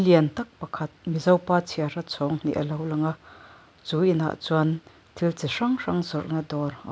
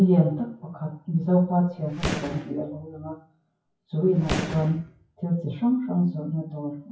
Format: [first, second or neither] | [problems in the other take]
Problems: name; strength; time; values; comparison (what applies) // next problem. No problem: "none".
first | noise reduction (classical method WPE with log-MMSE)